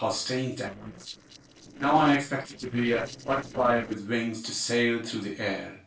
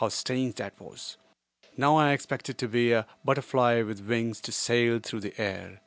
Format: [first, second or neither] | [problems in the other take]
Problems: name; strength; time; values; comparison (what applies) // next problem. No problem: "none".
second | noise reduction (neural separator model SepFormer DNS4)